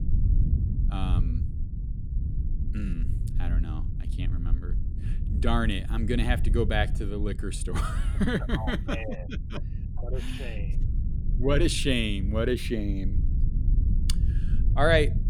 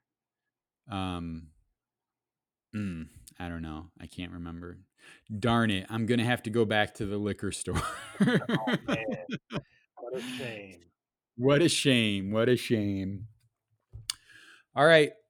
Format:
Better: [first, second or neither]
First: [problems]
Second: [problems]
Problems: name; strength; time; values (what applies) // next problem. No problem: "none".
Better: second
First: low rumble; noticeable; throughout; 15 dB below the speech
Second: none